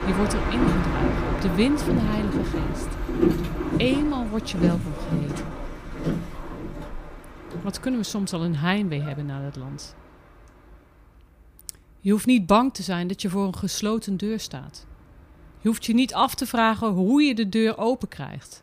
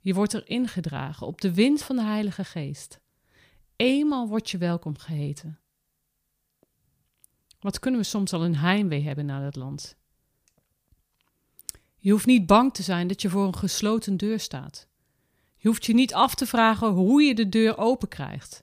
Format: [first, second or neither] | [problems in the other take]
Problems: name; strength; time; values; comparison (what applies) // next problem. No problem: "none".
second | train or aircraft noise; loud; throughout; 3 dB below the speech